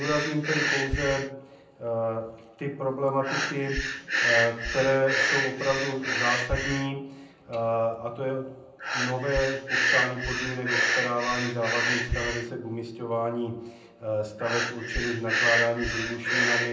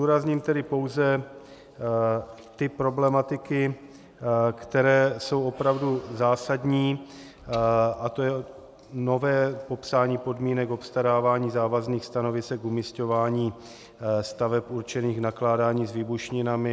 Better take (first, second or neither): second